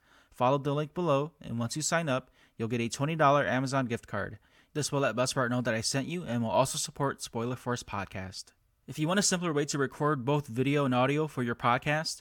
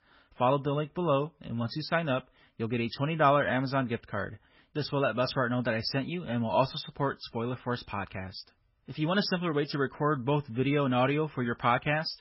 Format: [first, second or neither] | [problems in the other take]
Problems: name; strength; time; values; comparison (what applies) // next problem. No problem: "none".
first | garbled, watery; badly; nothing above 5.5 kHz